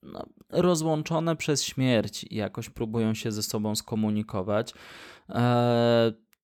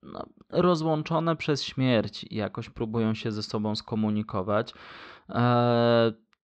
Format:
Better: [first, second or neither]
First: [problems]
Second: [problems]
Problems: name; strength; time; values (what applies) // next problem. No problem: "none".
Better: first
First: none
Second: muffled; very slightly; fading above 4.5 kHz